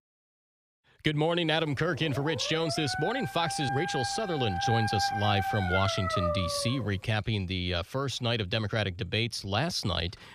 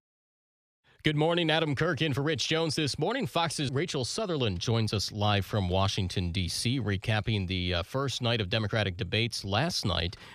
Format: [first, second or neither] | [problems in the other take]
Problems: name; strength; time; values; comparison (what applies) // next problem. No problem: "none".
second | dog barking; loud; from 2 to 7 s; peak level with the speech